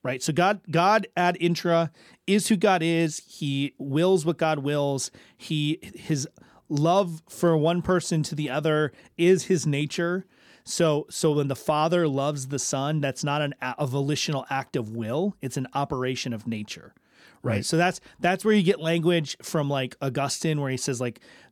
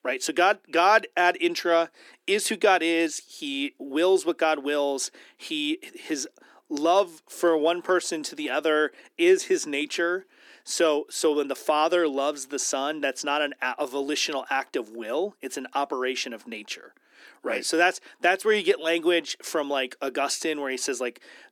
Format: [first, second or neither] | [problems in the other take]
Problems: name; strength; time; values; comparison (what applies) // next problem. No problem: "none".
first | thin; somewhat; fading below 300 Hz